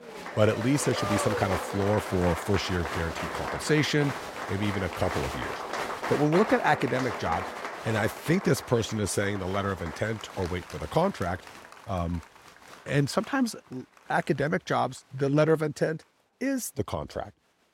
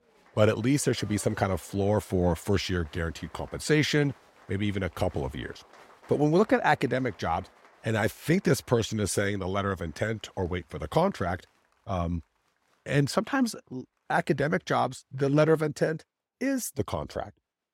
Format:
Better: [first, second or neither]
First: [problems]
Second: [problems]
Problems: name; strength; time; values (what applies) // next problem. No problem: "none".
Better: second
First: crowd noise; loud; throughout; 7 dB below the speech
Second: crowd noise; faint; throughout; 25 dB below the speech